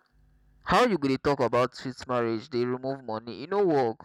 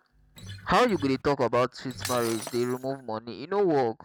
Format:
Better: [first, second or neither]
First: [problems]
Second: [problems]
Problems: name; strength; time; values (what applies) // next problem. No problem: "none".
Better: first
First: none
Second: background sound (Shatter + Acoustic guitar); 13 dB below the speech